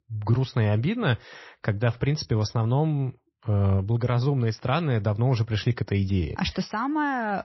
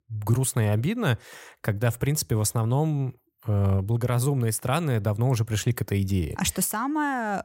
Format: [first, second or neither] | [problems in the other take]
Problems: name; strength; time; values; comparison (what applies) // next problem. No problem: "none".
second | garbled, watery; slightly; nothing above 5.5 kHz